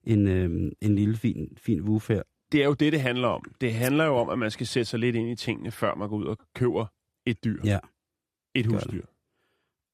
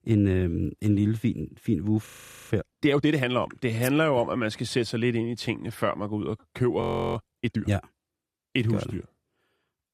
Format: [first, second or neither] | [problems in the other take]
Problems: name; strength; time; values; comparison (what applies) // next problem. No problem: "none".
first | audio freezing; at 2 s and at 7 s